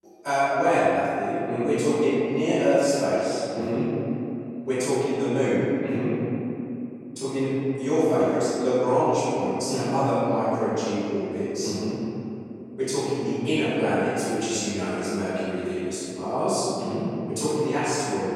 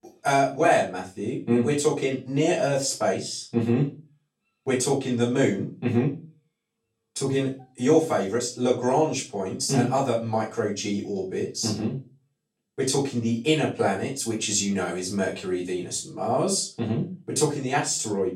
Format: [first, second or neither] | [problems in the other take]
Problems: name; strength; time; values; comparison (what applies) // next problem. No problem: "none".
second | room echo; strong; dies away in 2.8 s; slight in the second // off-mic speech; far; far in the second